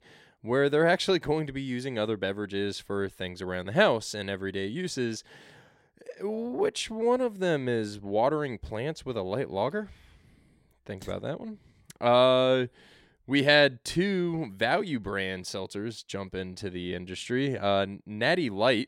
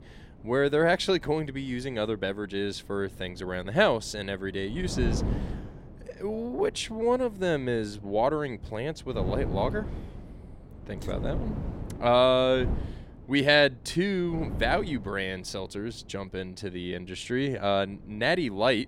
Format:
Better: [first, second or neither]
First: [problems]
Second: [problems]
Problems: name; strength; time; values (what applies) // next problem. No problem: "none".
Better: first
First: none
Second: wind noise on the microphone; occasional gusts; 20 dB below the speech